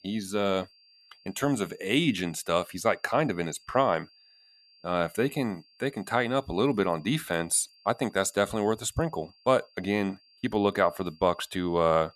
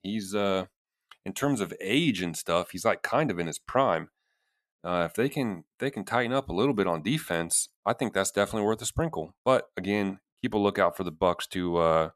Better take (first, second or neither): second